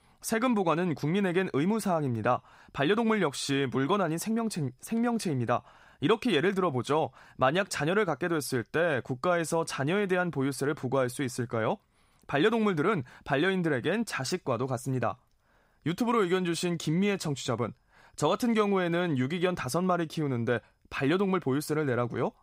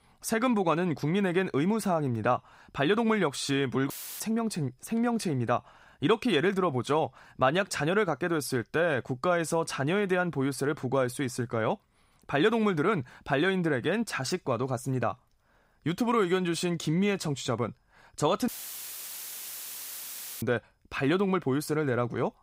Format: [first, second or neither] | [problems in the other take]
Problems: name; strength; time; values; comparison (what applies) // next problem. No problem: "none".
first | audio cutting out; filled with static; at 4 s and at 18 s for 2 s